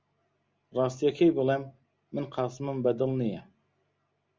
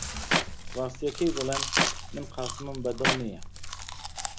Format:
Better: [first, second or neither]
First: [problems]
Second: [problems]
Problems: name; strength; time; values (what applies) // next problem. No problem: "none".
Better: first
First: none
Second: background sound (Clapping + Chewing, mastication); 3 dB above the speech